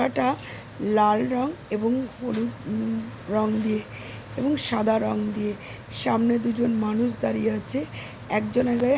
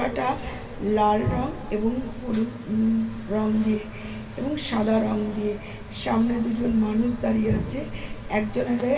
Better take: first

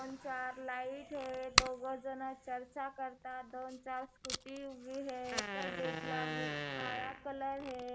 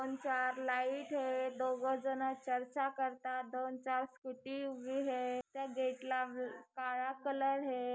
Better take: second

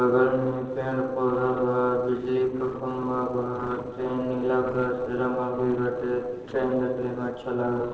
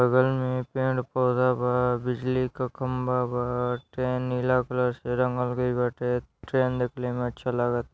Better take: second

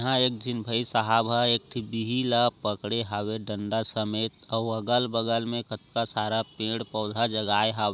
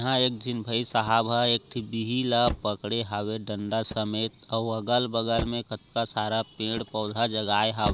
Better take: first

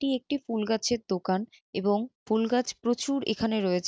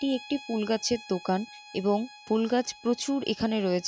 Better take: first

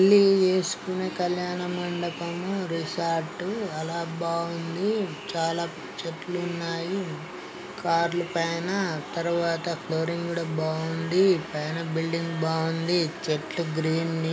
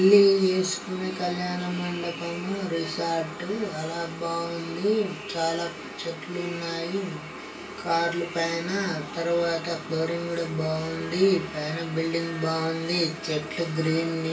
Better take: first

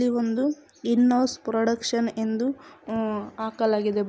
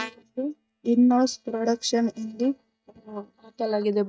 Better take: first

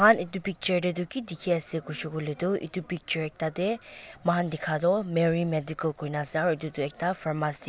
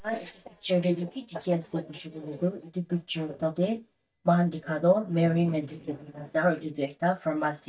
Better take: first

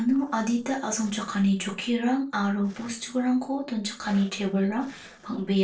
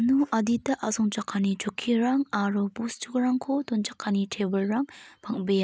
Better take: second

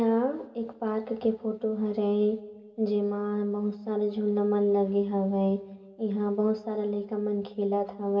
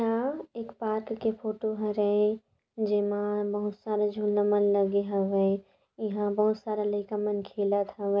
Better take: second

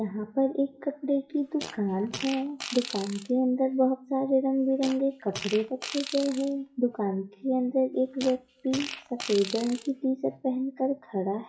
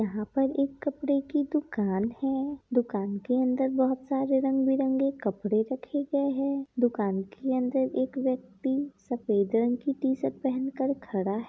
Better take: second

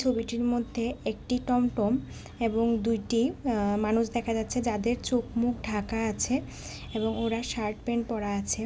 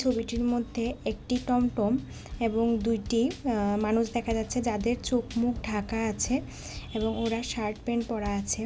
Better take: first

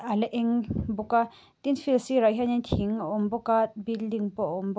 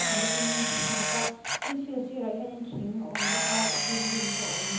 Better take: first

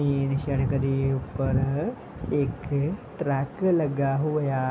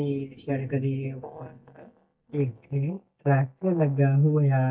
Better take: first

